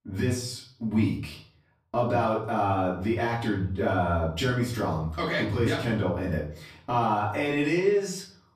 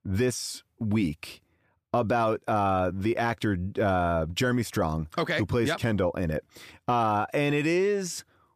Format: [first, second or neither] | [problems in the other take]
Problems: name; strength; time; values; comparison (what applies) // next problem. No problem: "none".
second | room echo; slight; dies away in 0.5 s // off-mic speech; far